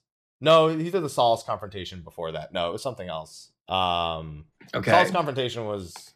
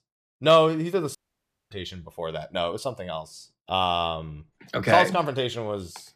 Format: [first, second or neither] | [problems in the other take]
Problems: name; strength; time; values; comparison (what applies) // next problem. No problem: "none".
first | audio cutting out; at 1 s for 0.5 s